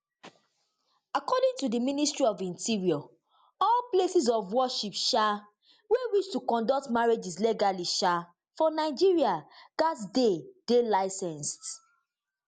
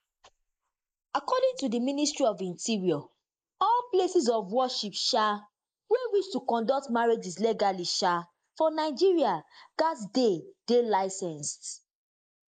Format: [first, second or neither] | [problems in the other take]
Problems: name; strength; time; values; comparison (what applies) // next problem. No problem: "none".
first | noise reduction (neural mask model Resemble Enhance denoiser)